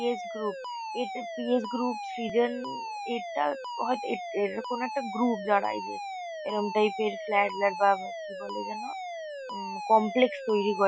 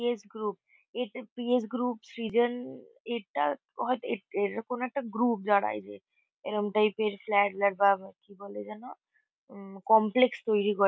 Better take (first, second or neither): second